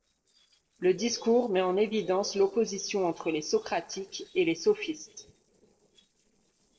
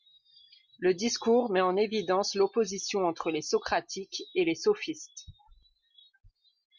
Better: second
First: noise reduction (neural separator model SepFormer DNS4)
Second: none

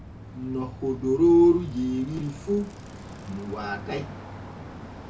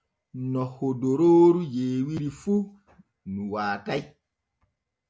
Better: second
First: background sound (Bicycle); 14 dB below the speech // room echo; dies away in 0.2 s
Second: none

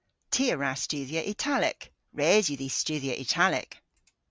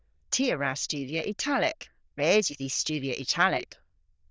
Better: first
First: none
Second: noise reduction (neural diffusion model UNIVERSE++)

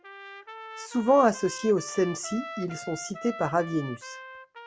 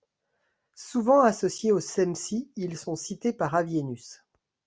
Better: second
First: background sound (Trumpet); 14 dB below the speech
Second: none

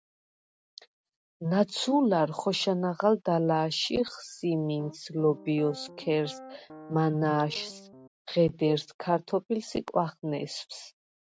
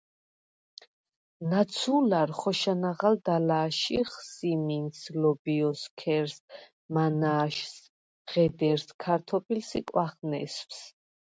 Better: second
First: background sound (Piano); 18 dB below the speech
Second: none

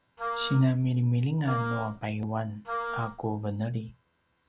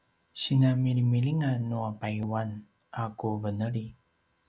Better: second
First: background sound (Wind instrument, woodwind instrument); 7 dB below the speech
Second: none

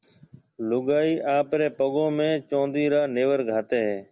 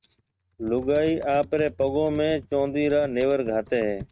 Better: first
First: none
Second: noise reduction (neural mask model RNNoise)

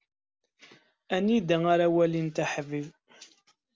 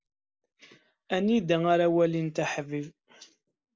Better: first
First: none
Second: noise reduction (neural mask model Resemble Enhance denoiser)

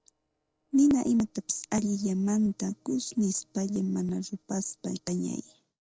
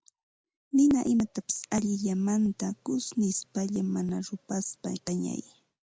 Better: second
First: noise reduction (neural separator model SepFormer DNS4)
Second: none

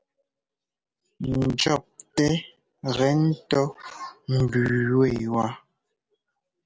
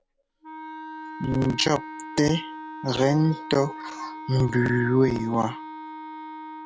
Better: first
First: none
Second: background sound (Wind instrument, woodwind instrument); 12 dB below the speech

